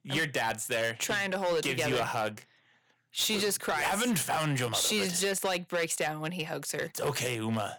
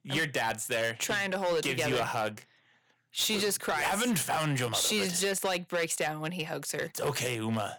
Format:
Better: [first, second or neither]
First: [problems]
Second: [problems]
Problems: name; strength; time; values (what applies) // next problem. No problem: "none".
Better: neither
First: distortion; slight; 9% of the sound clipped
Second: distortion; slight; 9% of the sound clipped